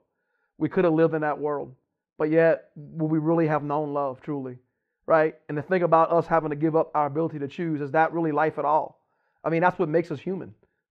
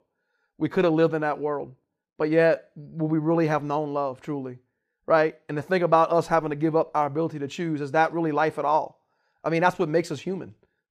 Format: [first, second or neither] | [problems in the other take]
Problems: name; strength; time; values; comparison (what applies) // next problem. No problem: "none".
second | muffled; slightly; fading above 4 kHz